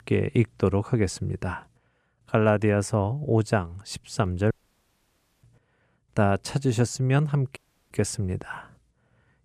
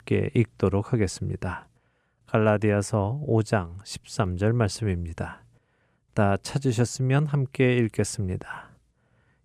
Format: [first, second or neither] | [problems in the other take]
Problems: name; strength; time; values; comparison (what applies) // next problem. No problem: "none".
second | audio cutting out; at 4.5 s for 1 s and at 7.5 s